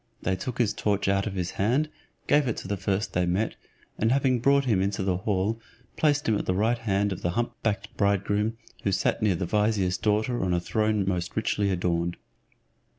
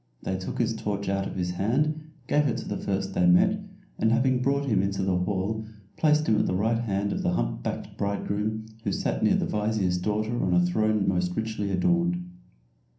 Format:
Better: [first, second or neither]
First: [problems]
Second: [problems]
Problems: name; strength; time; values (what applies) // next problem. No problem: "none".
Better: first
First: none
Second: room echo; dies away in 0.6 s